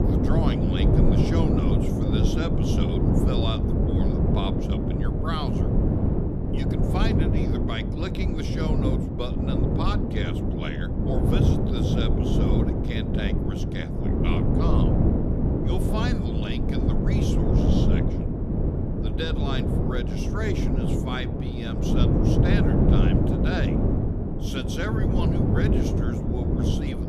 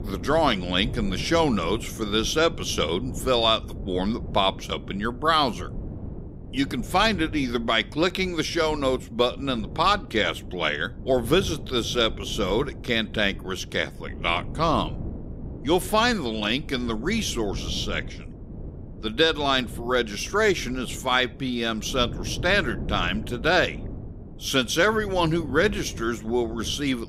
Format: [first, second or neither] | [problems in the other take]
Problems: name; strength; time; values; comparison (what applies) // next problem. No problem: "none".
second | wind noise on the microphone; heavy; 4 dB above the speech; occasional gusts in the second